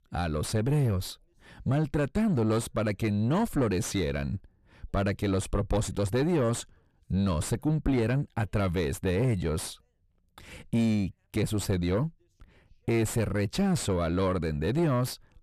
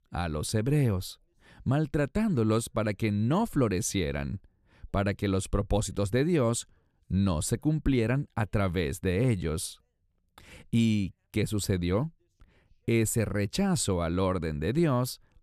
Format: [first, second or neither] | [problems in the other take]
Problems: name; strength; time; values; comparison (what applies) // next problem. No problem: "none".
second | distortion; slight; 9 dB below the speech